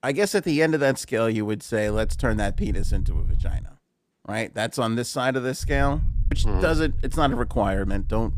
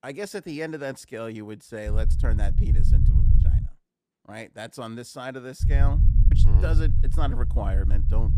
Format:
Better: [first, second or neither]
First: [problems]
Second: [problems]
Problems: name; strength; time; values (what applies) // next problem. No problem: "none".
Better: first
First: low rumble; faint; from 2 to 3.5 s and from 5.5 s on; 25 dB below the speech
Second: low rumble; loud; from 2 to 3.5 s and from 5.5 s on; 5 dB below the speech